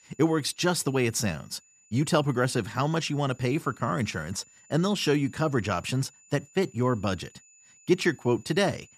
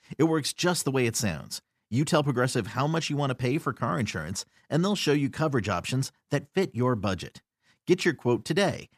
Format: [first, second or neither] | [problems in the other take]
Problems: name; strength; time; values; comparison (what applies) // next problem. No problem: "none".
second | high-pitched whine; faint; throughout; 7 kHz, 30 dB below the speech